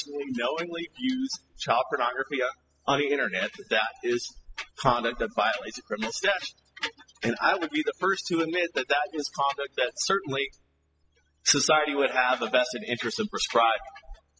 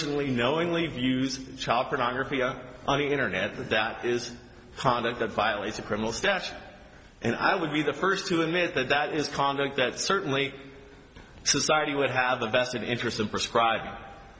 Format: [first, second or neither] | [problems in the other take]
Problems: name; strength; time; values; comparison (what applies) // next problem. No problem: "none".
second | noise reduction (classical method spectral subtraction)